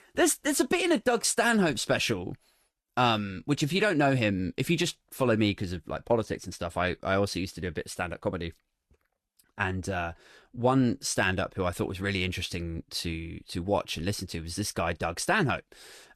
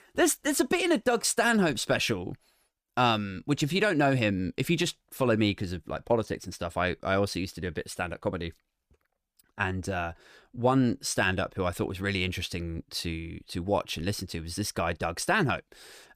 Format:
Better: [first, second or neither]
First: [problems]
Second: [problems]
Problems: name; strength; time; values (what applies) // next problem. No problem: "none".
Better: second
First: garbled, watery; slightly; nothing above 13 kHz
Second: none